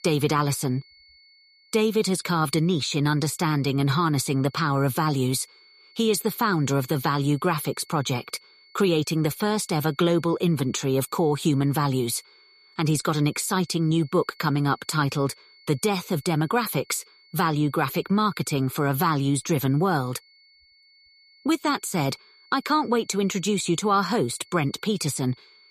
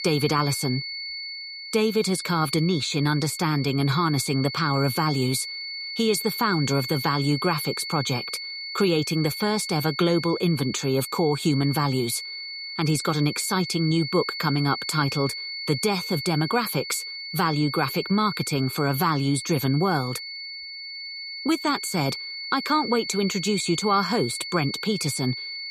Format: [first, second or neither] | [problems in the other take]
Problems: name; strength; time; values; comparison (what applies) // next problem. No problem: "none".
first | high-pitched whine; loud; throughout; 4.5 kHz, 7 dB below the speech; faint in the first